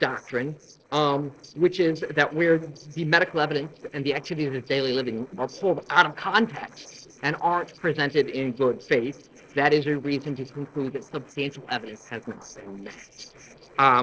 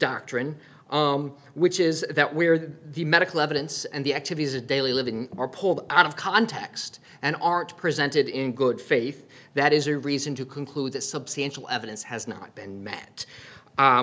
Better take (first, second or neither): second